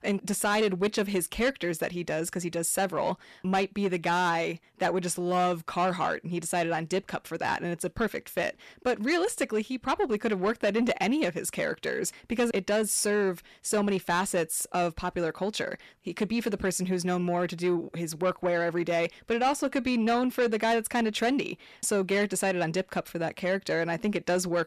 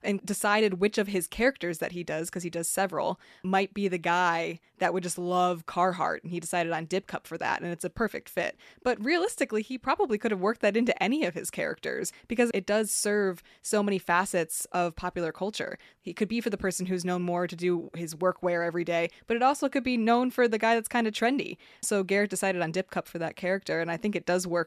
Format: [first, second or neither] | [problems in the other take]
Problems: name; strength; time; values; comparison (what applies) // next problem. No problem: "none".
second | distortion; slight; 10 dB below the speech